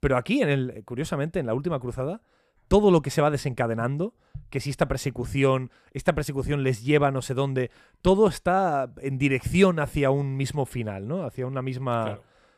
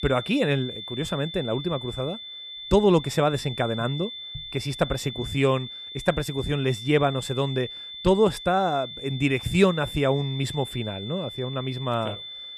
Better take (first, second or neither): first